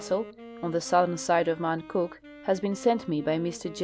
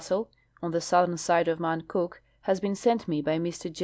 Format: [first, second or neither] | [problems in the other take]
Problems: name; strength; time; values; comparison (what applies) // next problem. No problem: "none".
second | background sound (Wind instrument, woodwind instrument); 17 dB below the speech